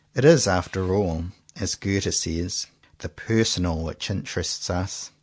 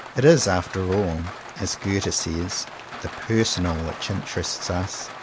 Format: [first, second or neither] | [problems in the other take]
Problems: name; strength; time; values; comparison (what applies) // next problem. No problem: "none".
first | background sound (Rain); 13 dB below the speech